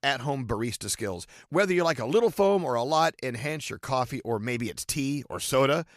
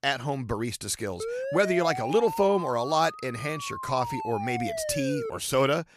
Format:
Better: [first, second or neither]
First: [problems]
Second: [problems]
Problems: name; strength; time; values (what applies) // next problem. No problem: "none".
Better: first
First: none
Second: siren; noticeable; from 1 to 5.5 s; peak 4 dB below the speech